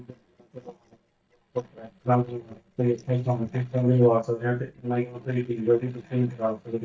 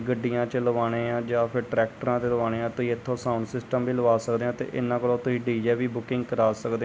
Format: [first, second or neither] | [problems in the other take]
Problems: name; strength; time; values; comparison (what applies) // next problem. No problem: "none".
second | noise reduction (neural mask model DeepFilterNet 3)